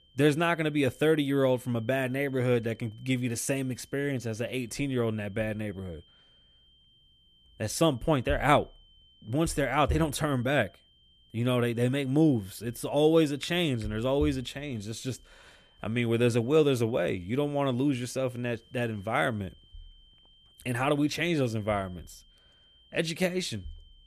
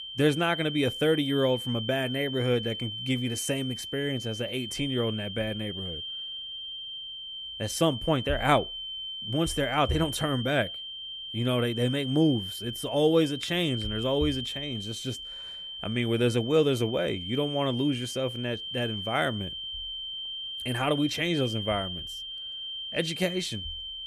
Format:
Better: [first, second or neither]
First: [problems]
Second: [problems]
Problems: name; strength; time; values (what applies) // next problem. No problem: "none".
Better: first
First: high-pitched whine; faint; throughout; 3 kHz, 30 dB below the speech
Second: high-pitched whine; loud; throughout; 3 kHz, 7 dB below the speech